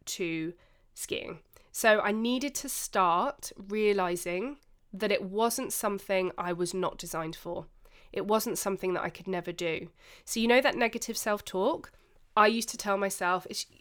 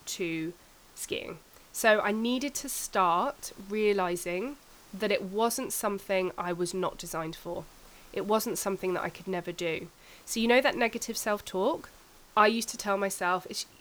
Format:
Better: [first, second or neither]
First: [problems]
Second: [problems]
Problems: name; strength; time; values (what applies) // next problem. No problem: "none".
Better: first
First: none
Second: hiss; faint; throughout; 25 dB below the speech